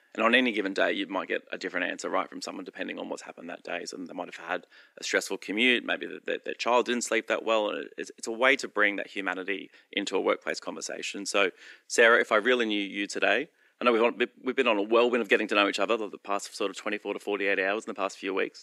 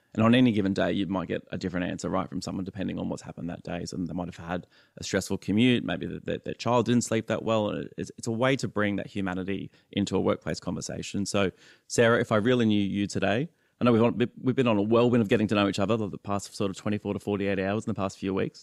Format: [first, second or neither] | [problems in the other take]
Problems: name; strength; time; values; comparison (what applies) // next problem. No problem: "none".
second | thin; somewhat; fading below 300 Hz